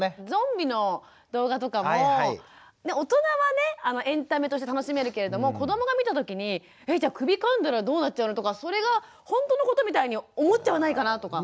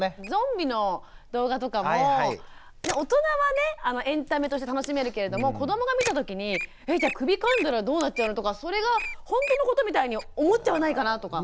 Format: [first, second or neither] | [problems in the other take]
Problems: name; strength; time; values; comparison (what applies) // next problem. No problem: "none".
first | background sound (Wild animals + Camera); 13 dB below the speech